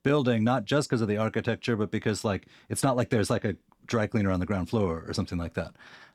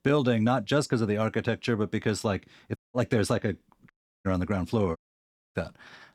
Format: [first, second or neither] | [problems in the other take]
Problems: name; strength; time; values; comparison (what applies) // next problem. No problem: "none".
first | audio cutting out; at 3 s, at 4 s and at 5 s for 0.5 s